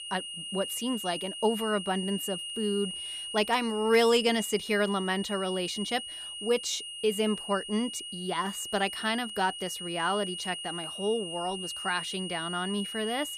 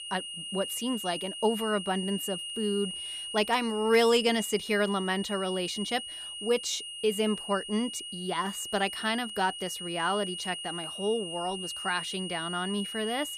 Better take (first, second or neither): neither